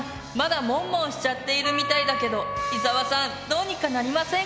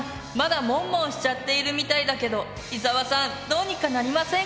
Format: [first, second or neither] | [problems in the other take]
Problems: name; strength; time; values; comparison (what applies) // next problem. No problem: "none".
second | background sound (Wind instrument, woodwind instrument); 4 dB below the speech